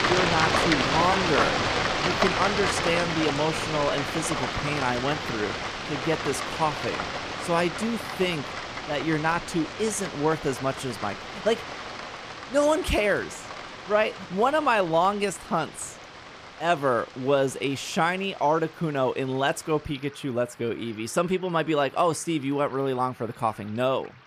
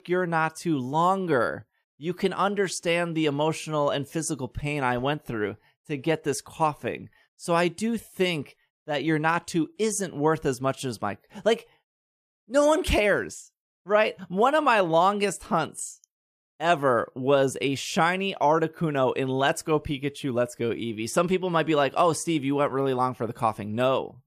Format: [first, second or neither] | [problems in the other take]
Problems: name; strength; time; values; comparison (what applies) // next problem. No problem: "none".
second | rain or running water; loud; throughout; 2 dB below the speech